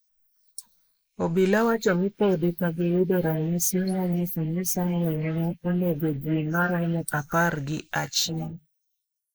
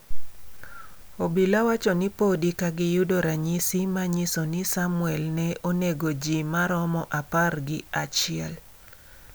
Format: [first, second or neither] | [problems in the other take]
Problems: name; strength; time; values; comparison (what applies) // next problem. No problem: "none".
second | noise reduction (neural mask model Resemble Enhance denoiser)